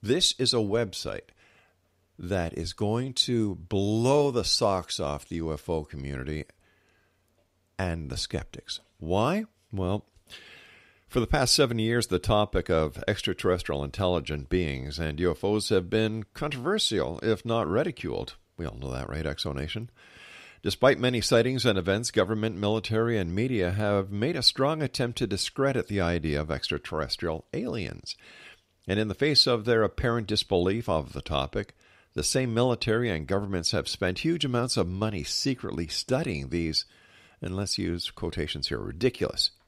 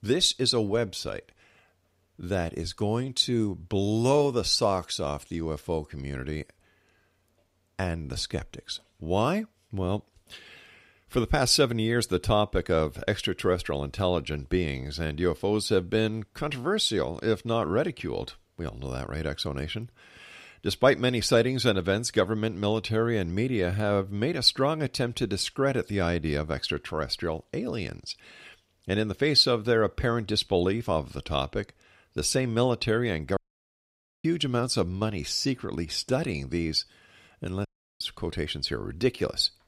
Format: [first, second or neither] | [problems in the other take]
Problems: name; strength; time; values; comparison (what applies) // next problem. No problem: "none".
first | audio cutting out; at 33 s for 1 s and at 38 s